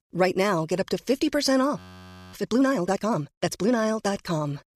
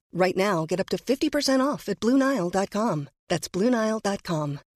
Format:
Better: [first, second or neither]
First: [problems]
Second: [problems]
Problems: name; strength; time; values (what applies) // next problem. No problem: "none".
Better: second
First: audio freezing; at 2 s for 0.5 s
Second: none